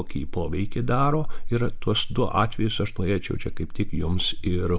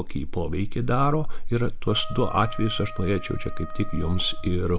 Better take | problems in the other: first | background sound (Wind instrument, woodwind instrument); 17 dB below the speech

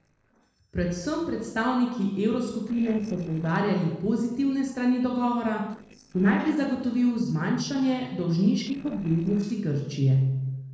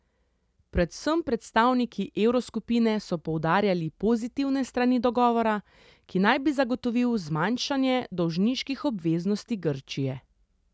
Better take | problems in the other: second | noise reduction (neural separator model SepFormer DNS4)

